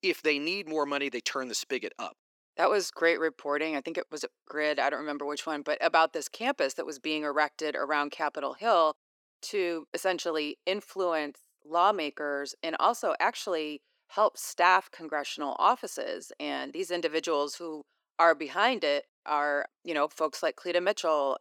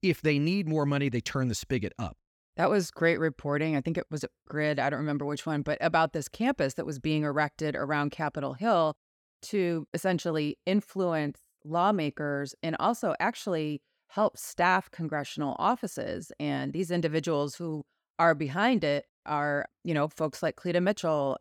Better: second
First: thin; somewhat; fading below 350 Hz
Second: none

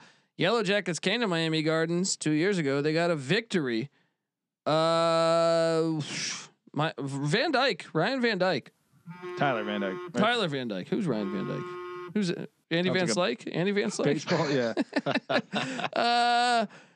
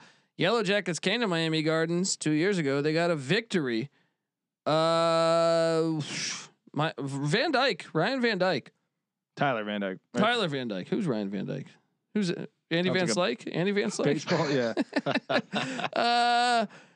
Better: second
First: phone ringing; faint; from 9 to 12 s; peak 10 dB below the speech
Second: none

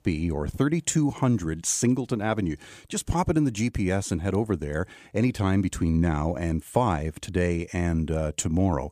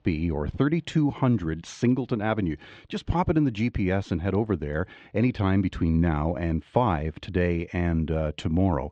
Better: first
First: none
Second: muffled; very; fading above 4 kHz

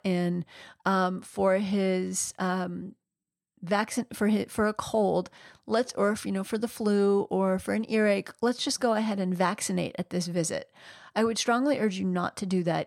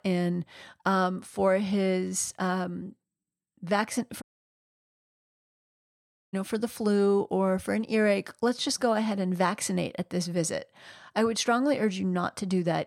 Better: first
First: none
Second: audio cutting out; at 4 s for 2 s

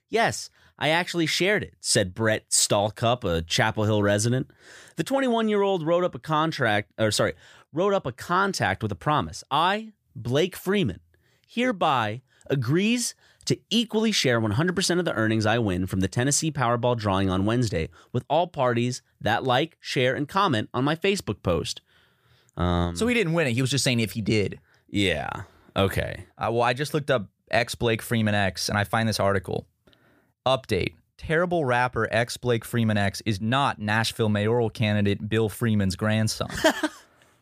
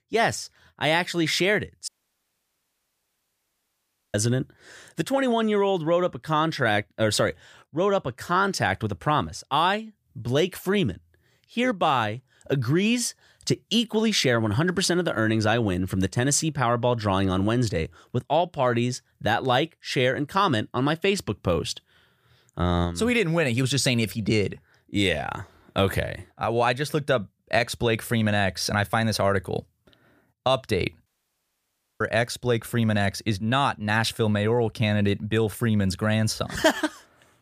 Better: first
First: none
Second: audio cutting out; at 2 s for 2.5 s and at 31 s for 1 s

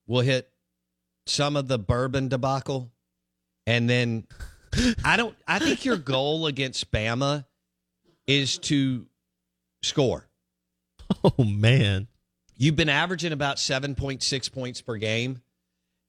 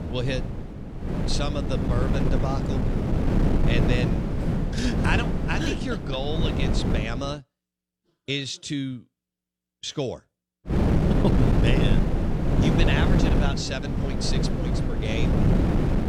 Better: first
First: none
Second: wind noise on the microphone; heavy; until 7.5 s and from 11 s on; as loud as the speech

